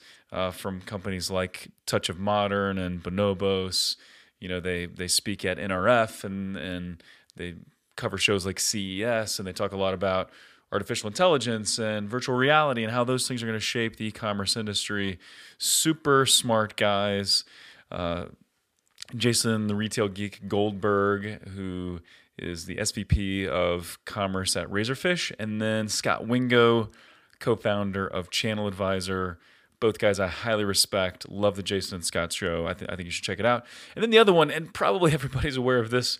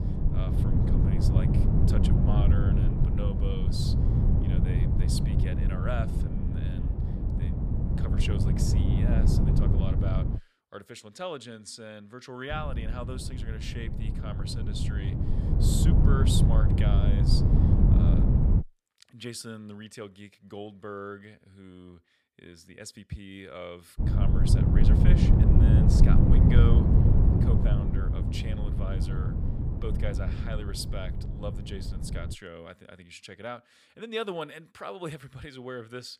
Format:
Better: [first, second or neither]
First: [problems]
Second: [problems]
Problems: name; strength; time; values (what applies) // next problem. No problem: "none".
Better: first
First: none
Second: wind noise on the microphone; heavy; until 10 s, from 13 to 19 s and from 24 to 32 s; 3 dB above the speech